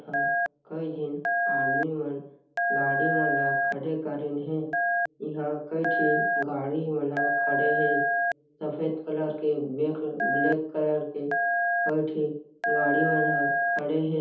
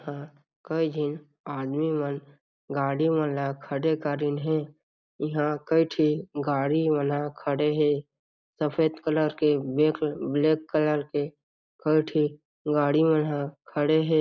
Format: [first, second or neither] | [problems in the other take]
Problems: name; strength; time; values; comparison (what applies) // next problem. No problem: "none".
second | background sound (Telephone); 2 dB above the speech // room echo; dies away in 0.6 s